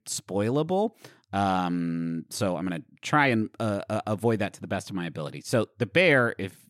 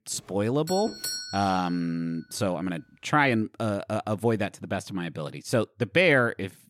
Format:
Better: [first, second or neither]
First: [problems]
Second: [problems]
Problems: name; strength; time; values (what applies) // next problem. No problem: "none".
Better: first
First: none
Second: doorbell; noticeable; at 0.5 s; peak 4 dB below the speech